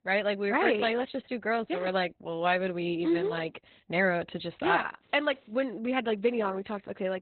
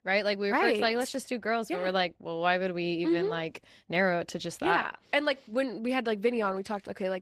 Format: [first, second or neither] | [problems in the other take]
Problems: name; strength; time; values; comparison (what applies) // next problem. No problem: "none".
second | garbled, watery; badly; nothing above 4 kHz; slightly in the second